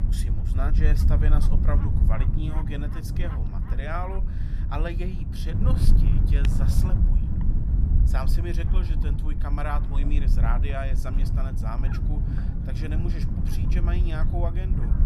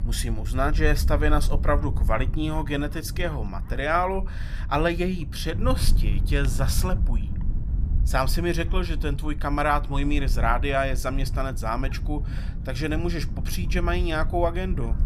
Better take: second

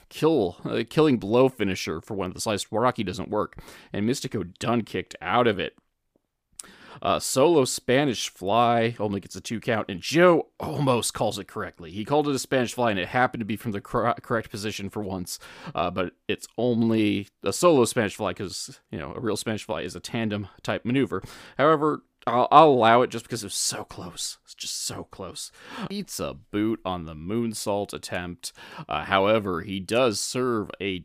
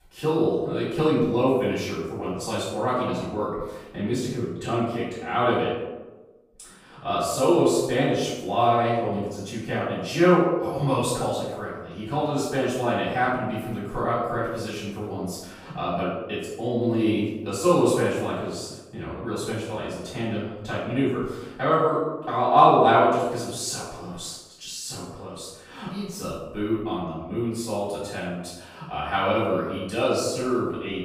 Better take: first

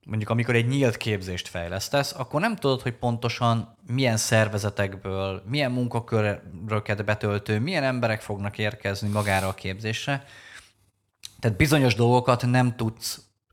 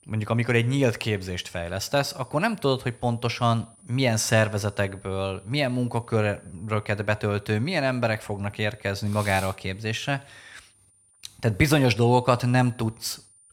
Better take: first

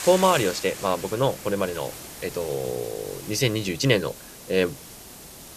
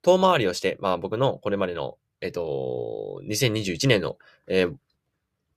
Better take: second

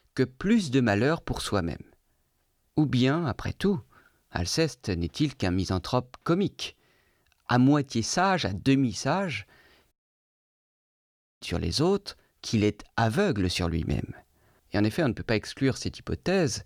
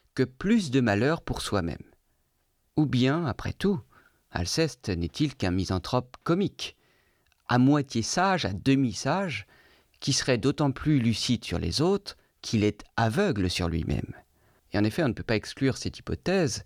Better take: second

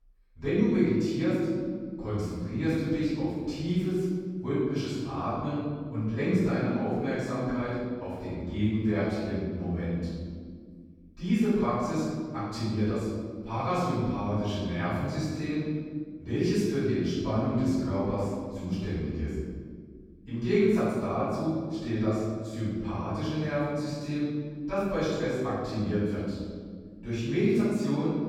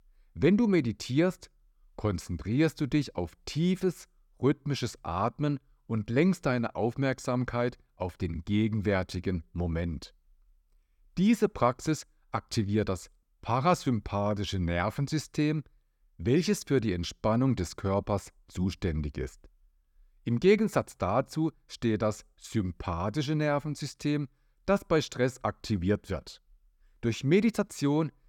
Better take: second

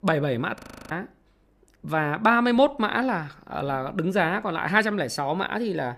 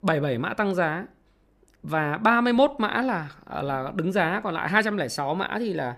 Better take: second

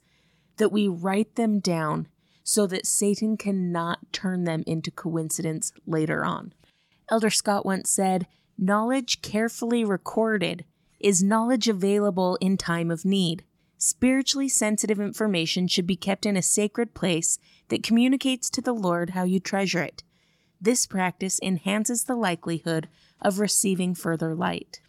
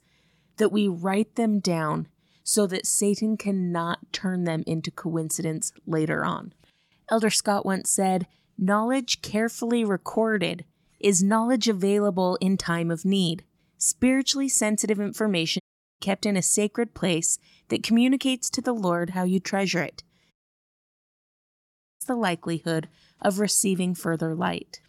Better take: first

